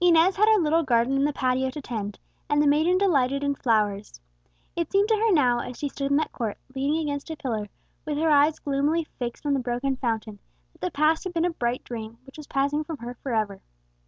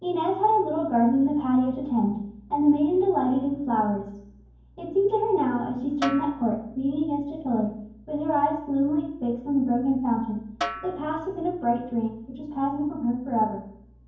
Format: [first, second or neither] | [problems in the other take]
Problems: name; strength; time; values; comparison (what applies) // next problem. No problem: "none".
first | background sound (Snare drum); 12 dB below the speech // room echo; dies away in 0.9 s